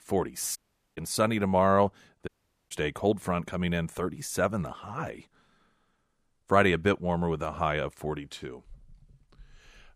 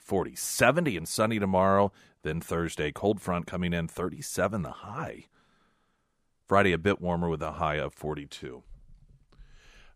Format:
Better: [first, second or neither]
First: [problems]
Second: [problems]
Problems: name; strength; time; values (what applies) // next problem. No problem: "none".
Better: second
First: audio cutting out; at 0.5 s and at 2.5 s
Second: none